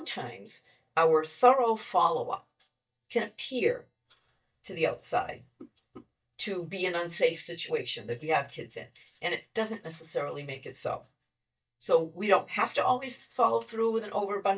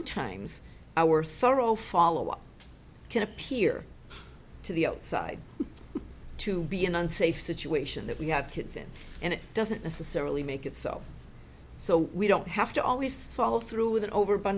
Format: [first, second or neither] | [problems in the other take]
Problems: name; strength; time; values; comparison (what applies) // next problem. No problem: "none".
second | noise reduction (neural mask model DeepFilterNet 3)